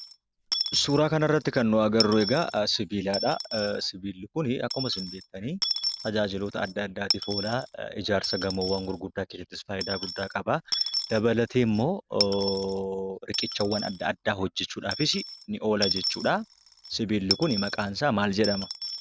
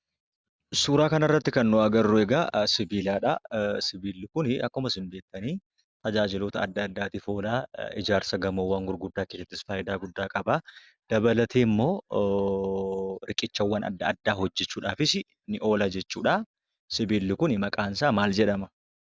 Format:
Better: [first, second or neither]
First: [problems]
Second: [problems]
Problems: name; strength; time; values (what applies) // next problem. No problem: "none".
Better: second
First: background sound (Coin (dropping) / Dishes, pots, and pans); 7 dB below the speech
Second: none